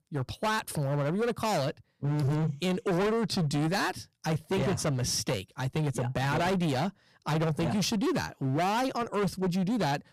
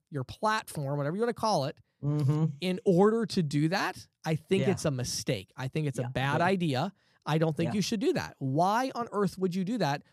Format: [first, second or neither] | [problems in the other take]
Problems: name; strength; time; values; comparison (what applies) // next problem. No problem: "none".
second | distortion; heavy; 24% of the sound clipped